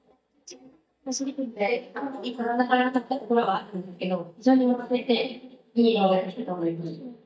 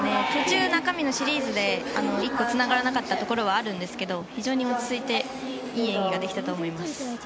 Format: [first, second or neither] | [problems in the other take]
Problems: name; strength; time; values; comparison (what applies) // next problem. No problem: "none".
second | noise reduction (neural mask model DeepFilterNet 3)